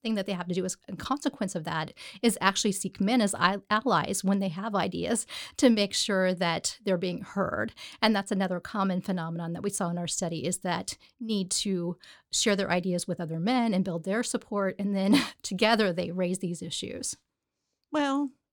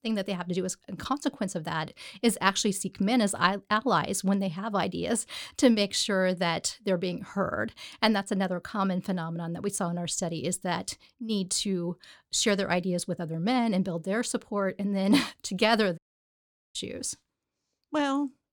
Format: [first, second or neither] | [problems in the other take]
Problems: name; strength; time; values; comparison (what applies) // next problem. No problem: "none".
first | audio cutting out; at 16 s for 1 s